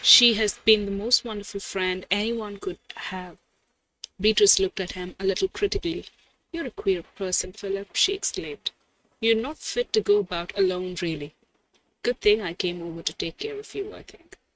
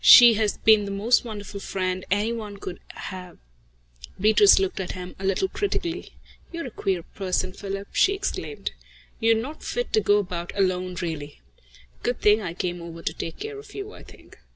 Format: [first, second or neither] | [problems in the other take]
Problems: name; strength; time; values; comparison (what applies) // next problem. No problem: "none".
second | noise reduction (neural mask model RNNoise)